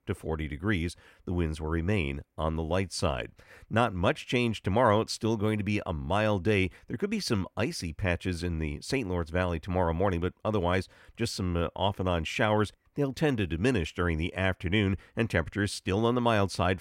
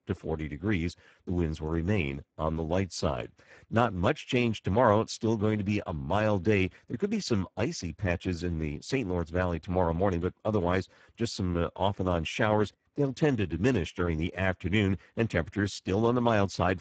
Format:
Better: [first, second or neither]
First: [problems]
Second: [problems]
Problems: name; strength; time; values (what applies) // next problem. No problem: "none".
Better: first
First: none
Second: garbled, watery; badly; nothing above 7.5 kHz